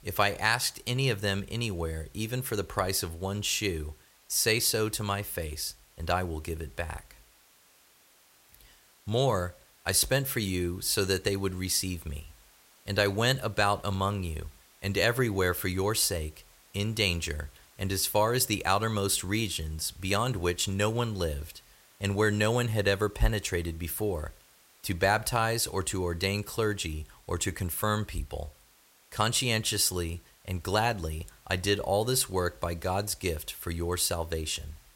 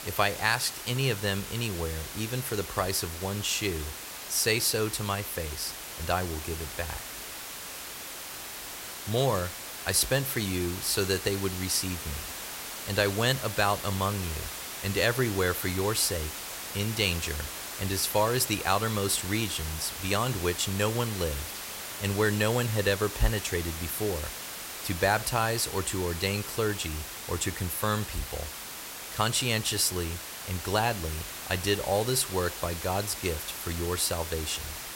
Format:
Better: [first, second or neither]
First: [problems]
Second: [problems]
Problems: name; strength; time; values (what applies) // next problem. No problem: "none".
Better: first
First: hiss; faint; throughout; 30 dB below the speech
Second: hiss; loud; throughout; 8 dB below the speech